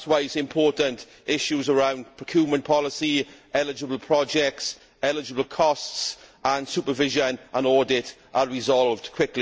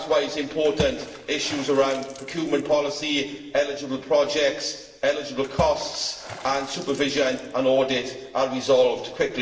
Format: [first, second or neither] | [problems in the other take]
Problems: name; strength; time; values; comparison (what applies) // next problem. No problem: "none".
first | background sound (Water / Splash, splatter); 17 dB below the speech // room echo; dies away in 1.2 s